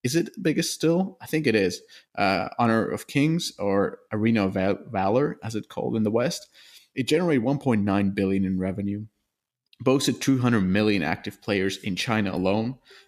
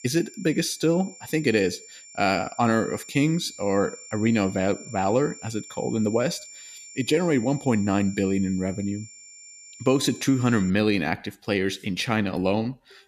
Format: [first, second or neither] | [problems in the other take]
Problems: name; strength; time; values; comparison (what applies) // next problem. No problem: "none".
first | high-pitched whine; noticeable; until 11 s; 7 kHz, 15 dB below the speech